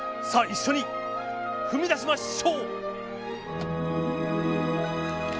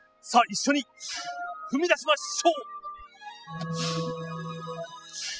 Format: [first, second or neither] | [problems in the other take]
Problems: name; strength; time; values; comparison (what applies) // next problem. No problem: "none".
first | noise reduction (classical method spectral subtraction)